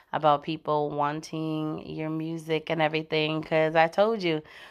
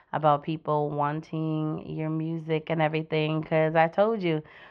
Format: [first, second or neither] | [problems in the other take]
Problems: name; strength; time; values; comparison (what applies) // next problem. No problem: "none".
first | muffled; slightly; fading above 2.5 kHz